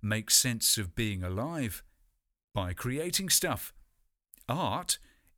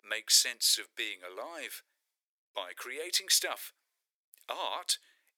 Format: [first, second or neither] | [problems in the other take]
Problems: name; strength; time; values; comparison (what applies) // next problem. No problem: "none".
first | thin; very; fading below 400 Hz